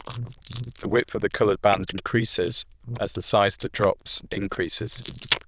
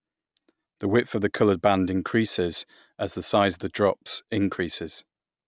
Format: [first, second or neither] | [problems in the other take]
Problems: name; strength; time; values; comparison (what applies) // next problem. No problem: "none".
second | noise reduction (neural diffusion model UNIVERSE++)